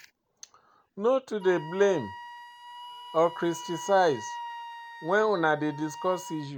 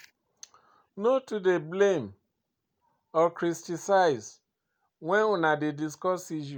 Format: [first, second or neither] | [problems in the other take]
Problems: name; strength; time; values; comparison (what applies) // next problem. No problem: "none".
second | background sound (Wind instrument, woodwind instrument); 14 dB below the speech